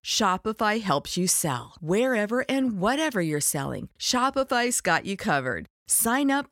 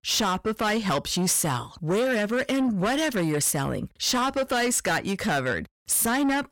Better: first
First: none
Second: distortion; heavy; 8 dB below the speech

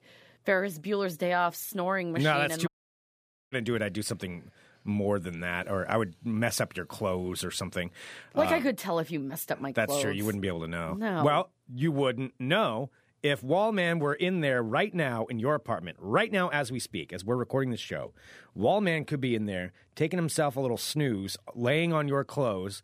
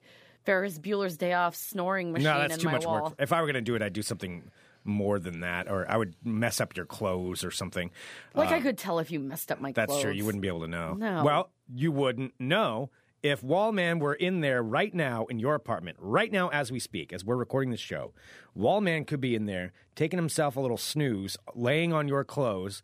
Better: second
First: audio cutting out; at 2.5 s for 1 s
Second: none

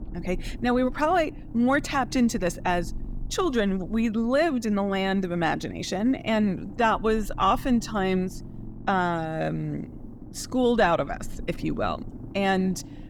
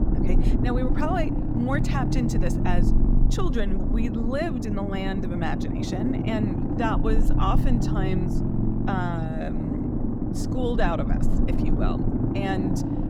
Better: first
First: low rumble; faint; throughout; 25 dB below the speech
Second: low rumble; loud; throughout; 2 dB below the speech

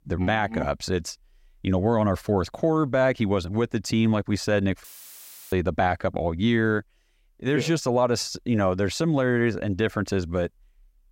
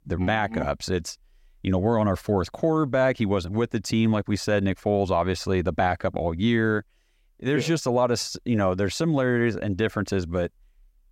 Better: second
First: audio cutting out; filled with static; at 5 s for 0.5 s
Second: none

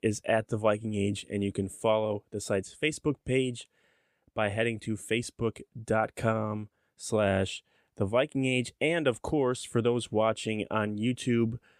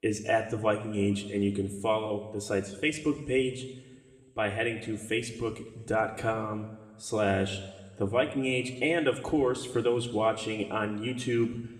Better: first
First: none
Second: room echo; slight; dies away in 1.4 s

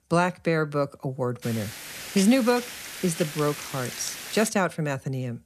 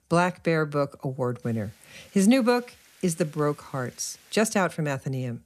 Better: second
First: hiss; loud; from 1.5 to 4.5 s; 9 dB below the speech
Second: hiss; faint; from 1.5 to 4.5 s; 25 dB below the speech

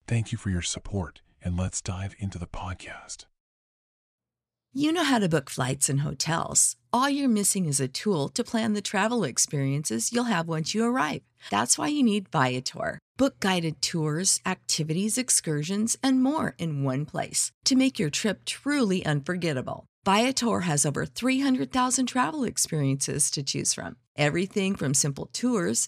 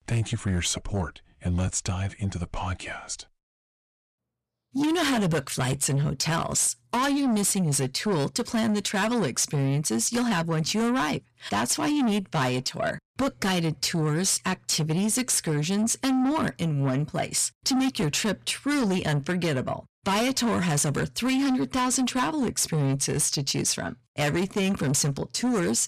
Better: first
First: none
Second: distortion; heavy; 8 dB below the speech

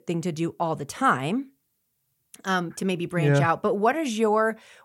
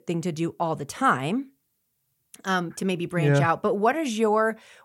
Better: neither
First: none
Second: none

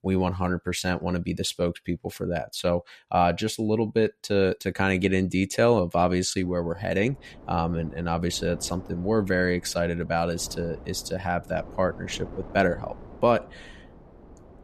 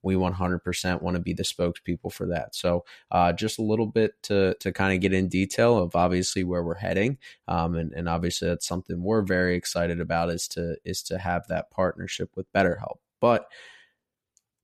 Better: second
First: wind noise on the microphone; occasional gusts; from 6.5 s on; 20 dB below the speech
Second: none

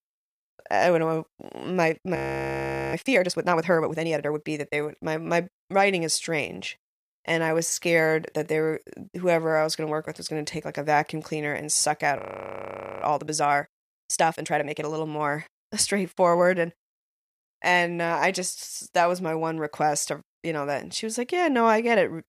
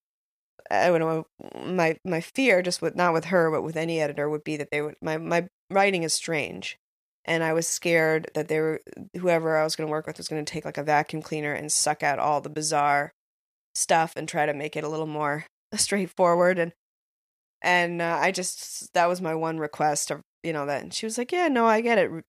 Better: second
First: audio freezing; at 2 s for 1 s and at 12 s for 1 s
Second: none

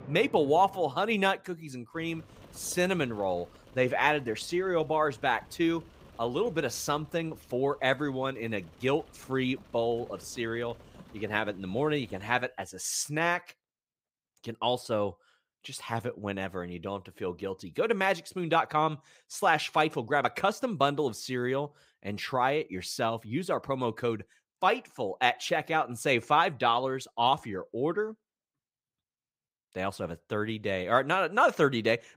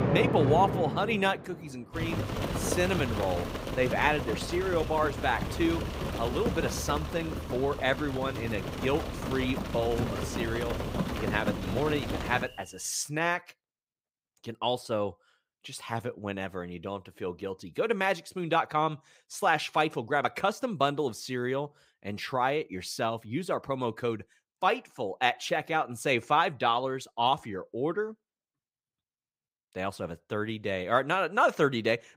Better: first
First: rain or running water; faint; until 13 s; 25 dB below the speech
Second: rain or running water; loud; until 13 s; 4 dB below the speech

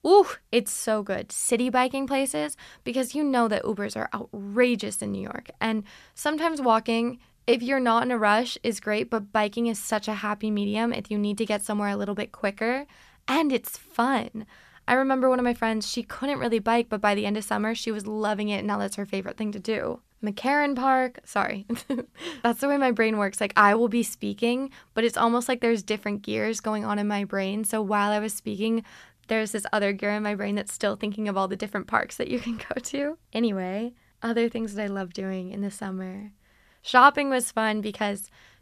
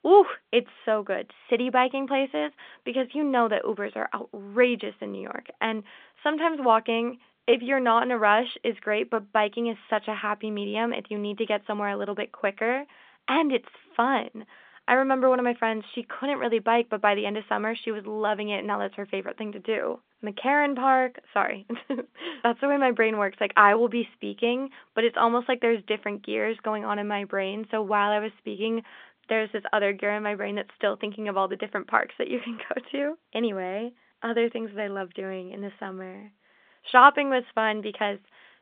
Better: first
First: none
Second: phone-call audio; nothing above 3.5 kHz

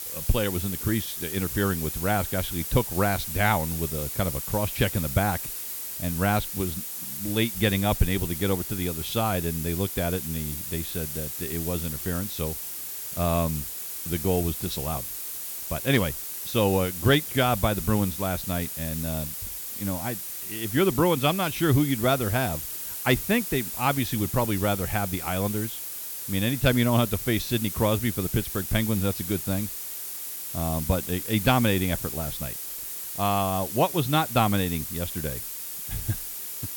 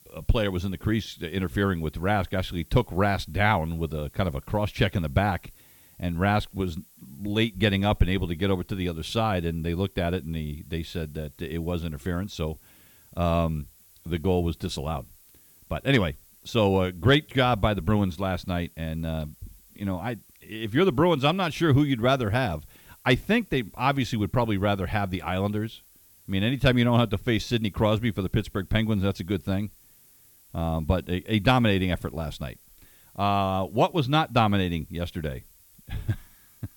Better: second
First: hiss; loud; throughout; 5 dB below the speech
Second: hiss; faint; throughout; 25 dB below the speech

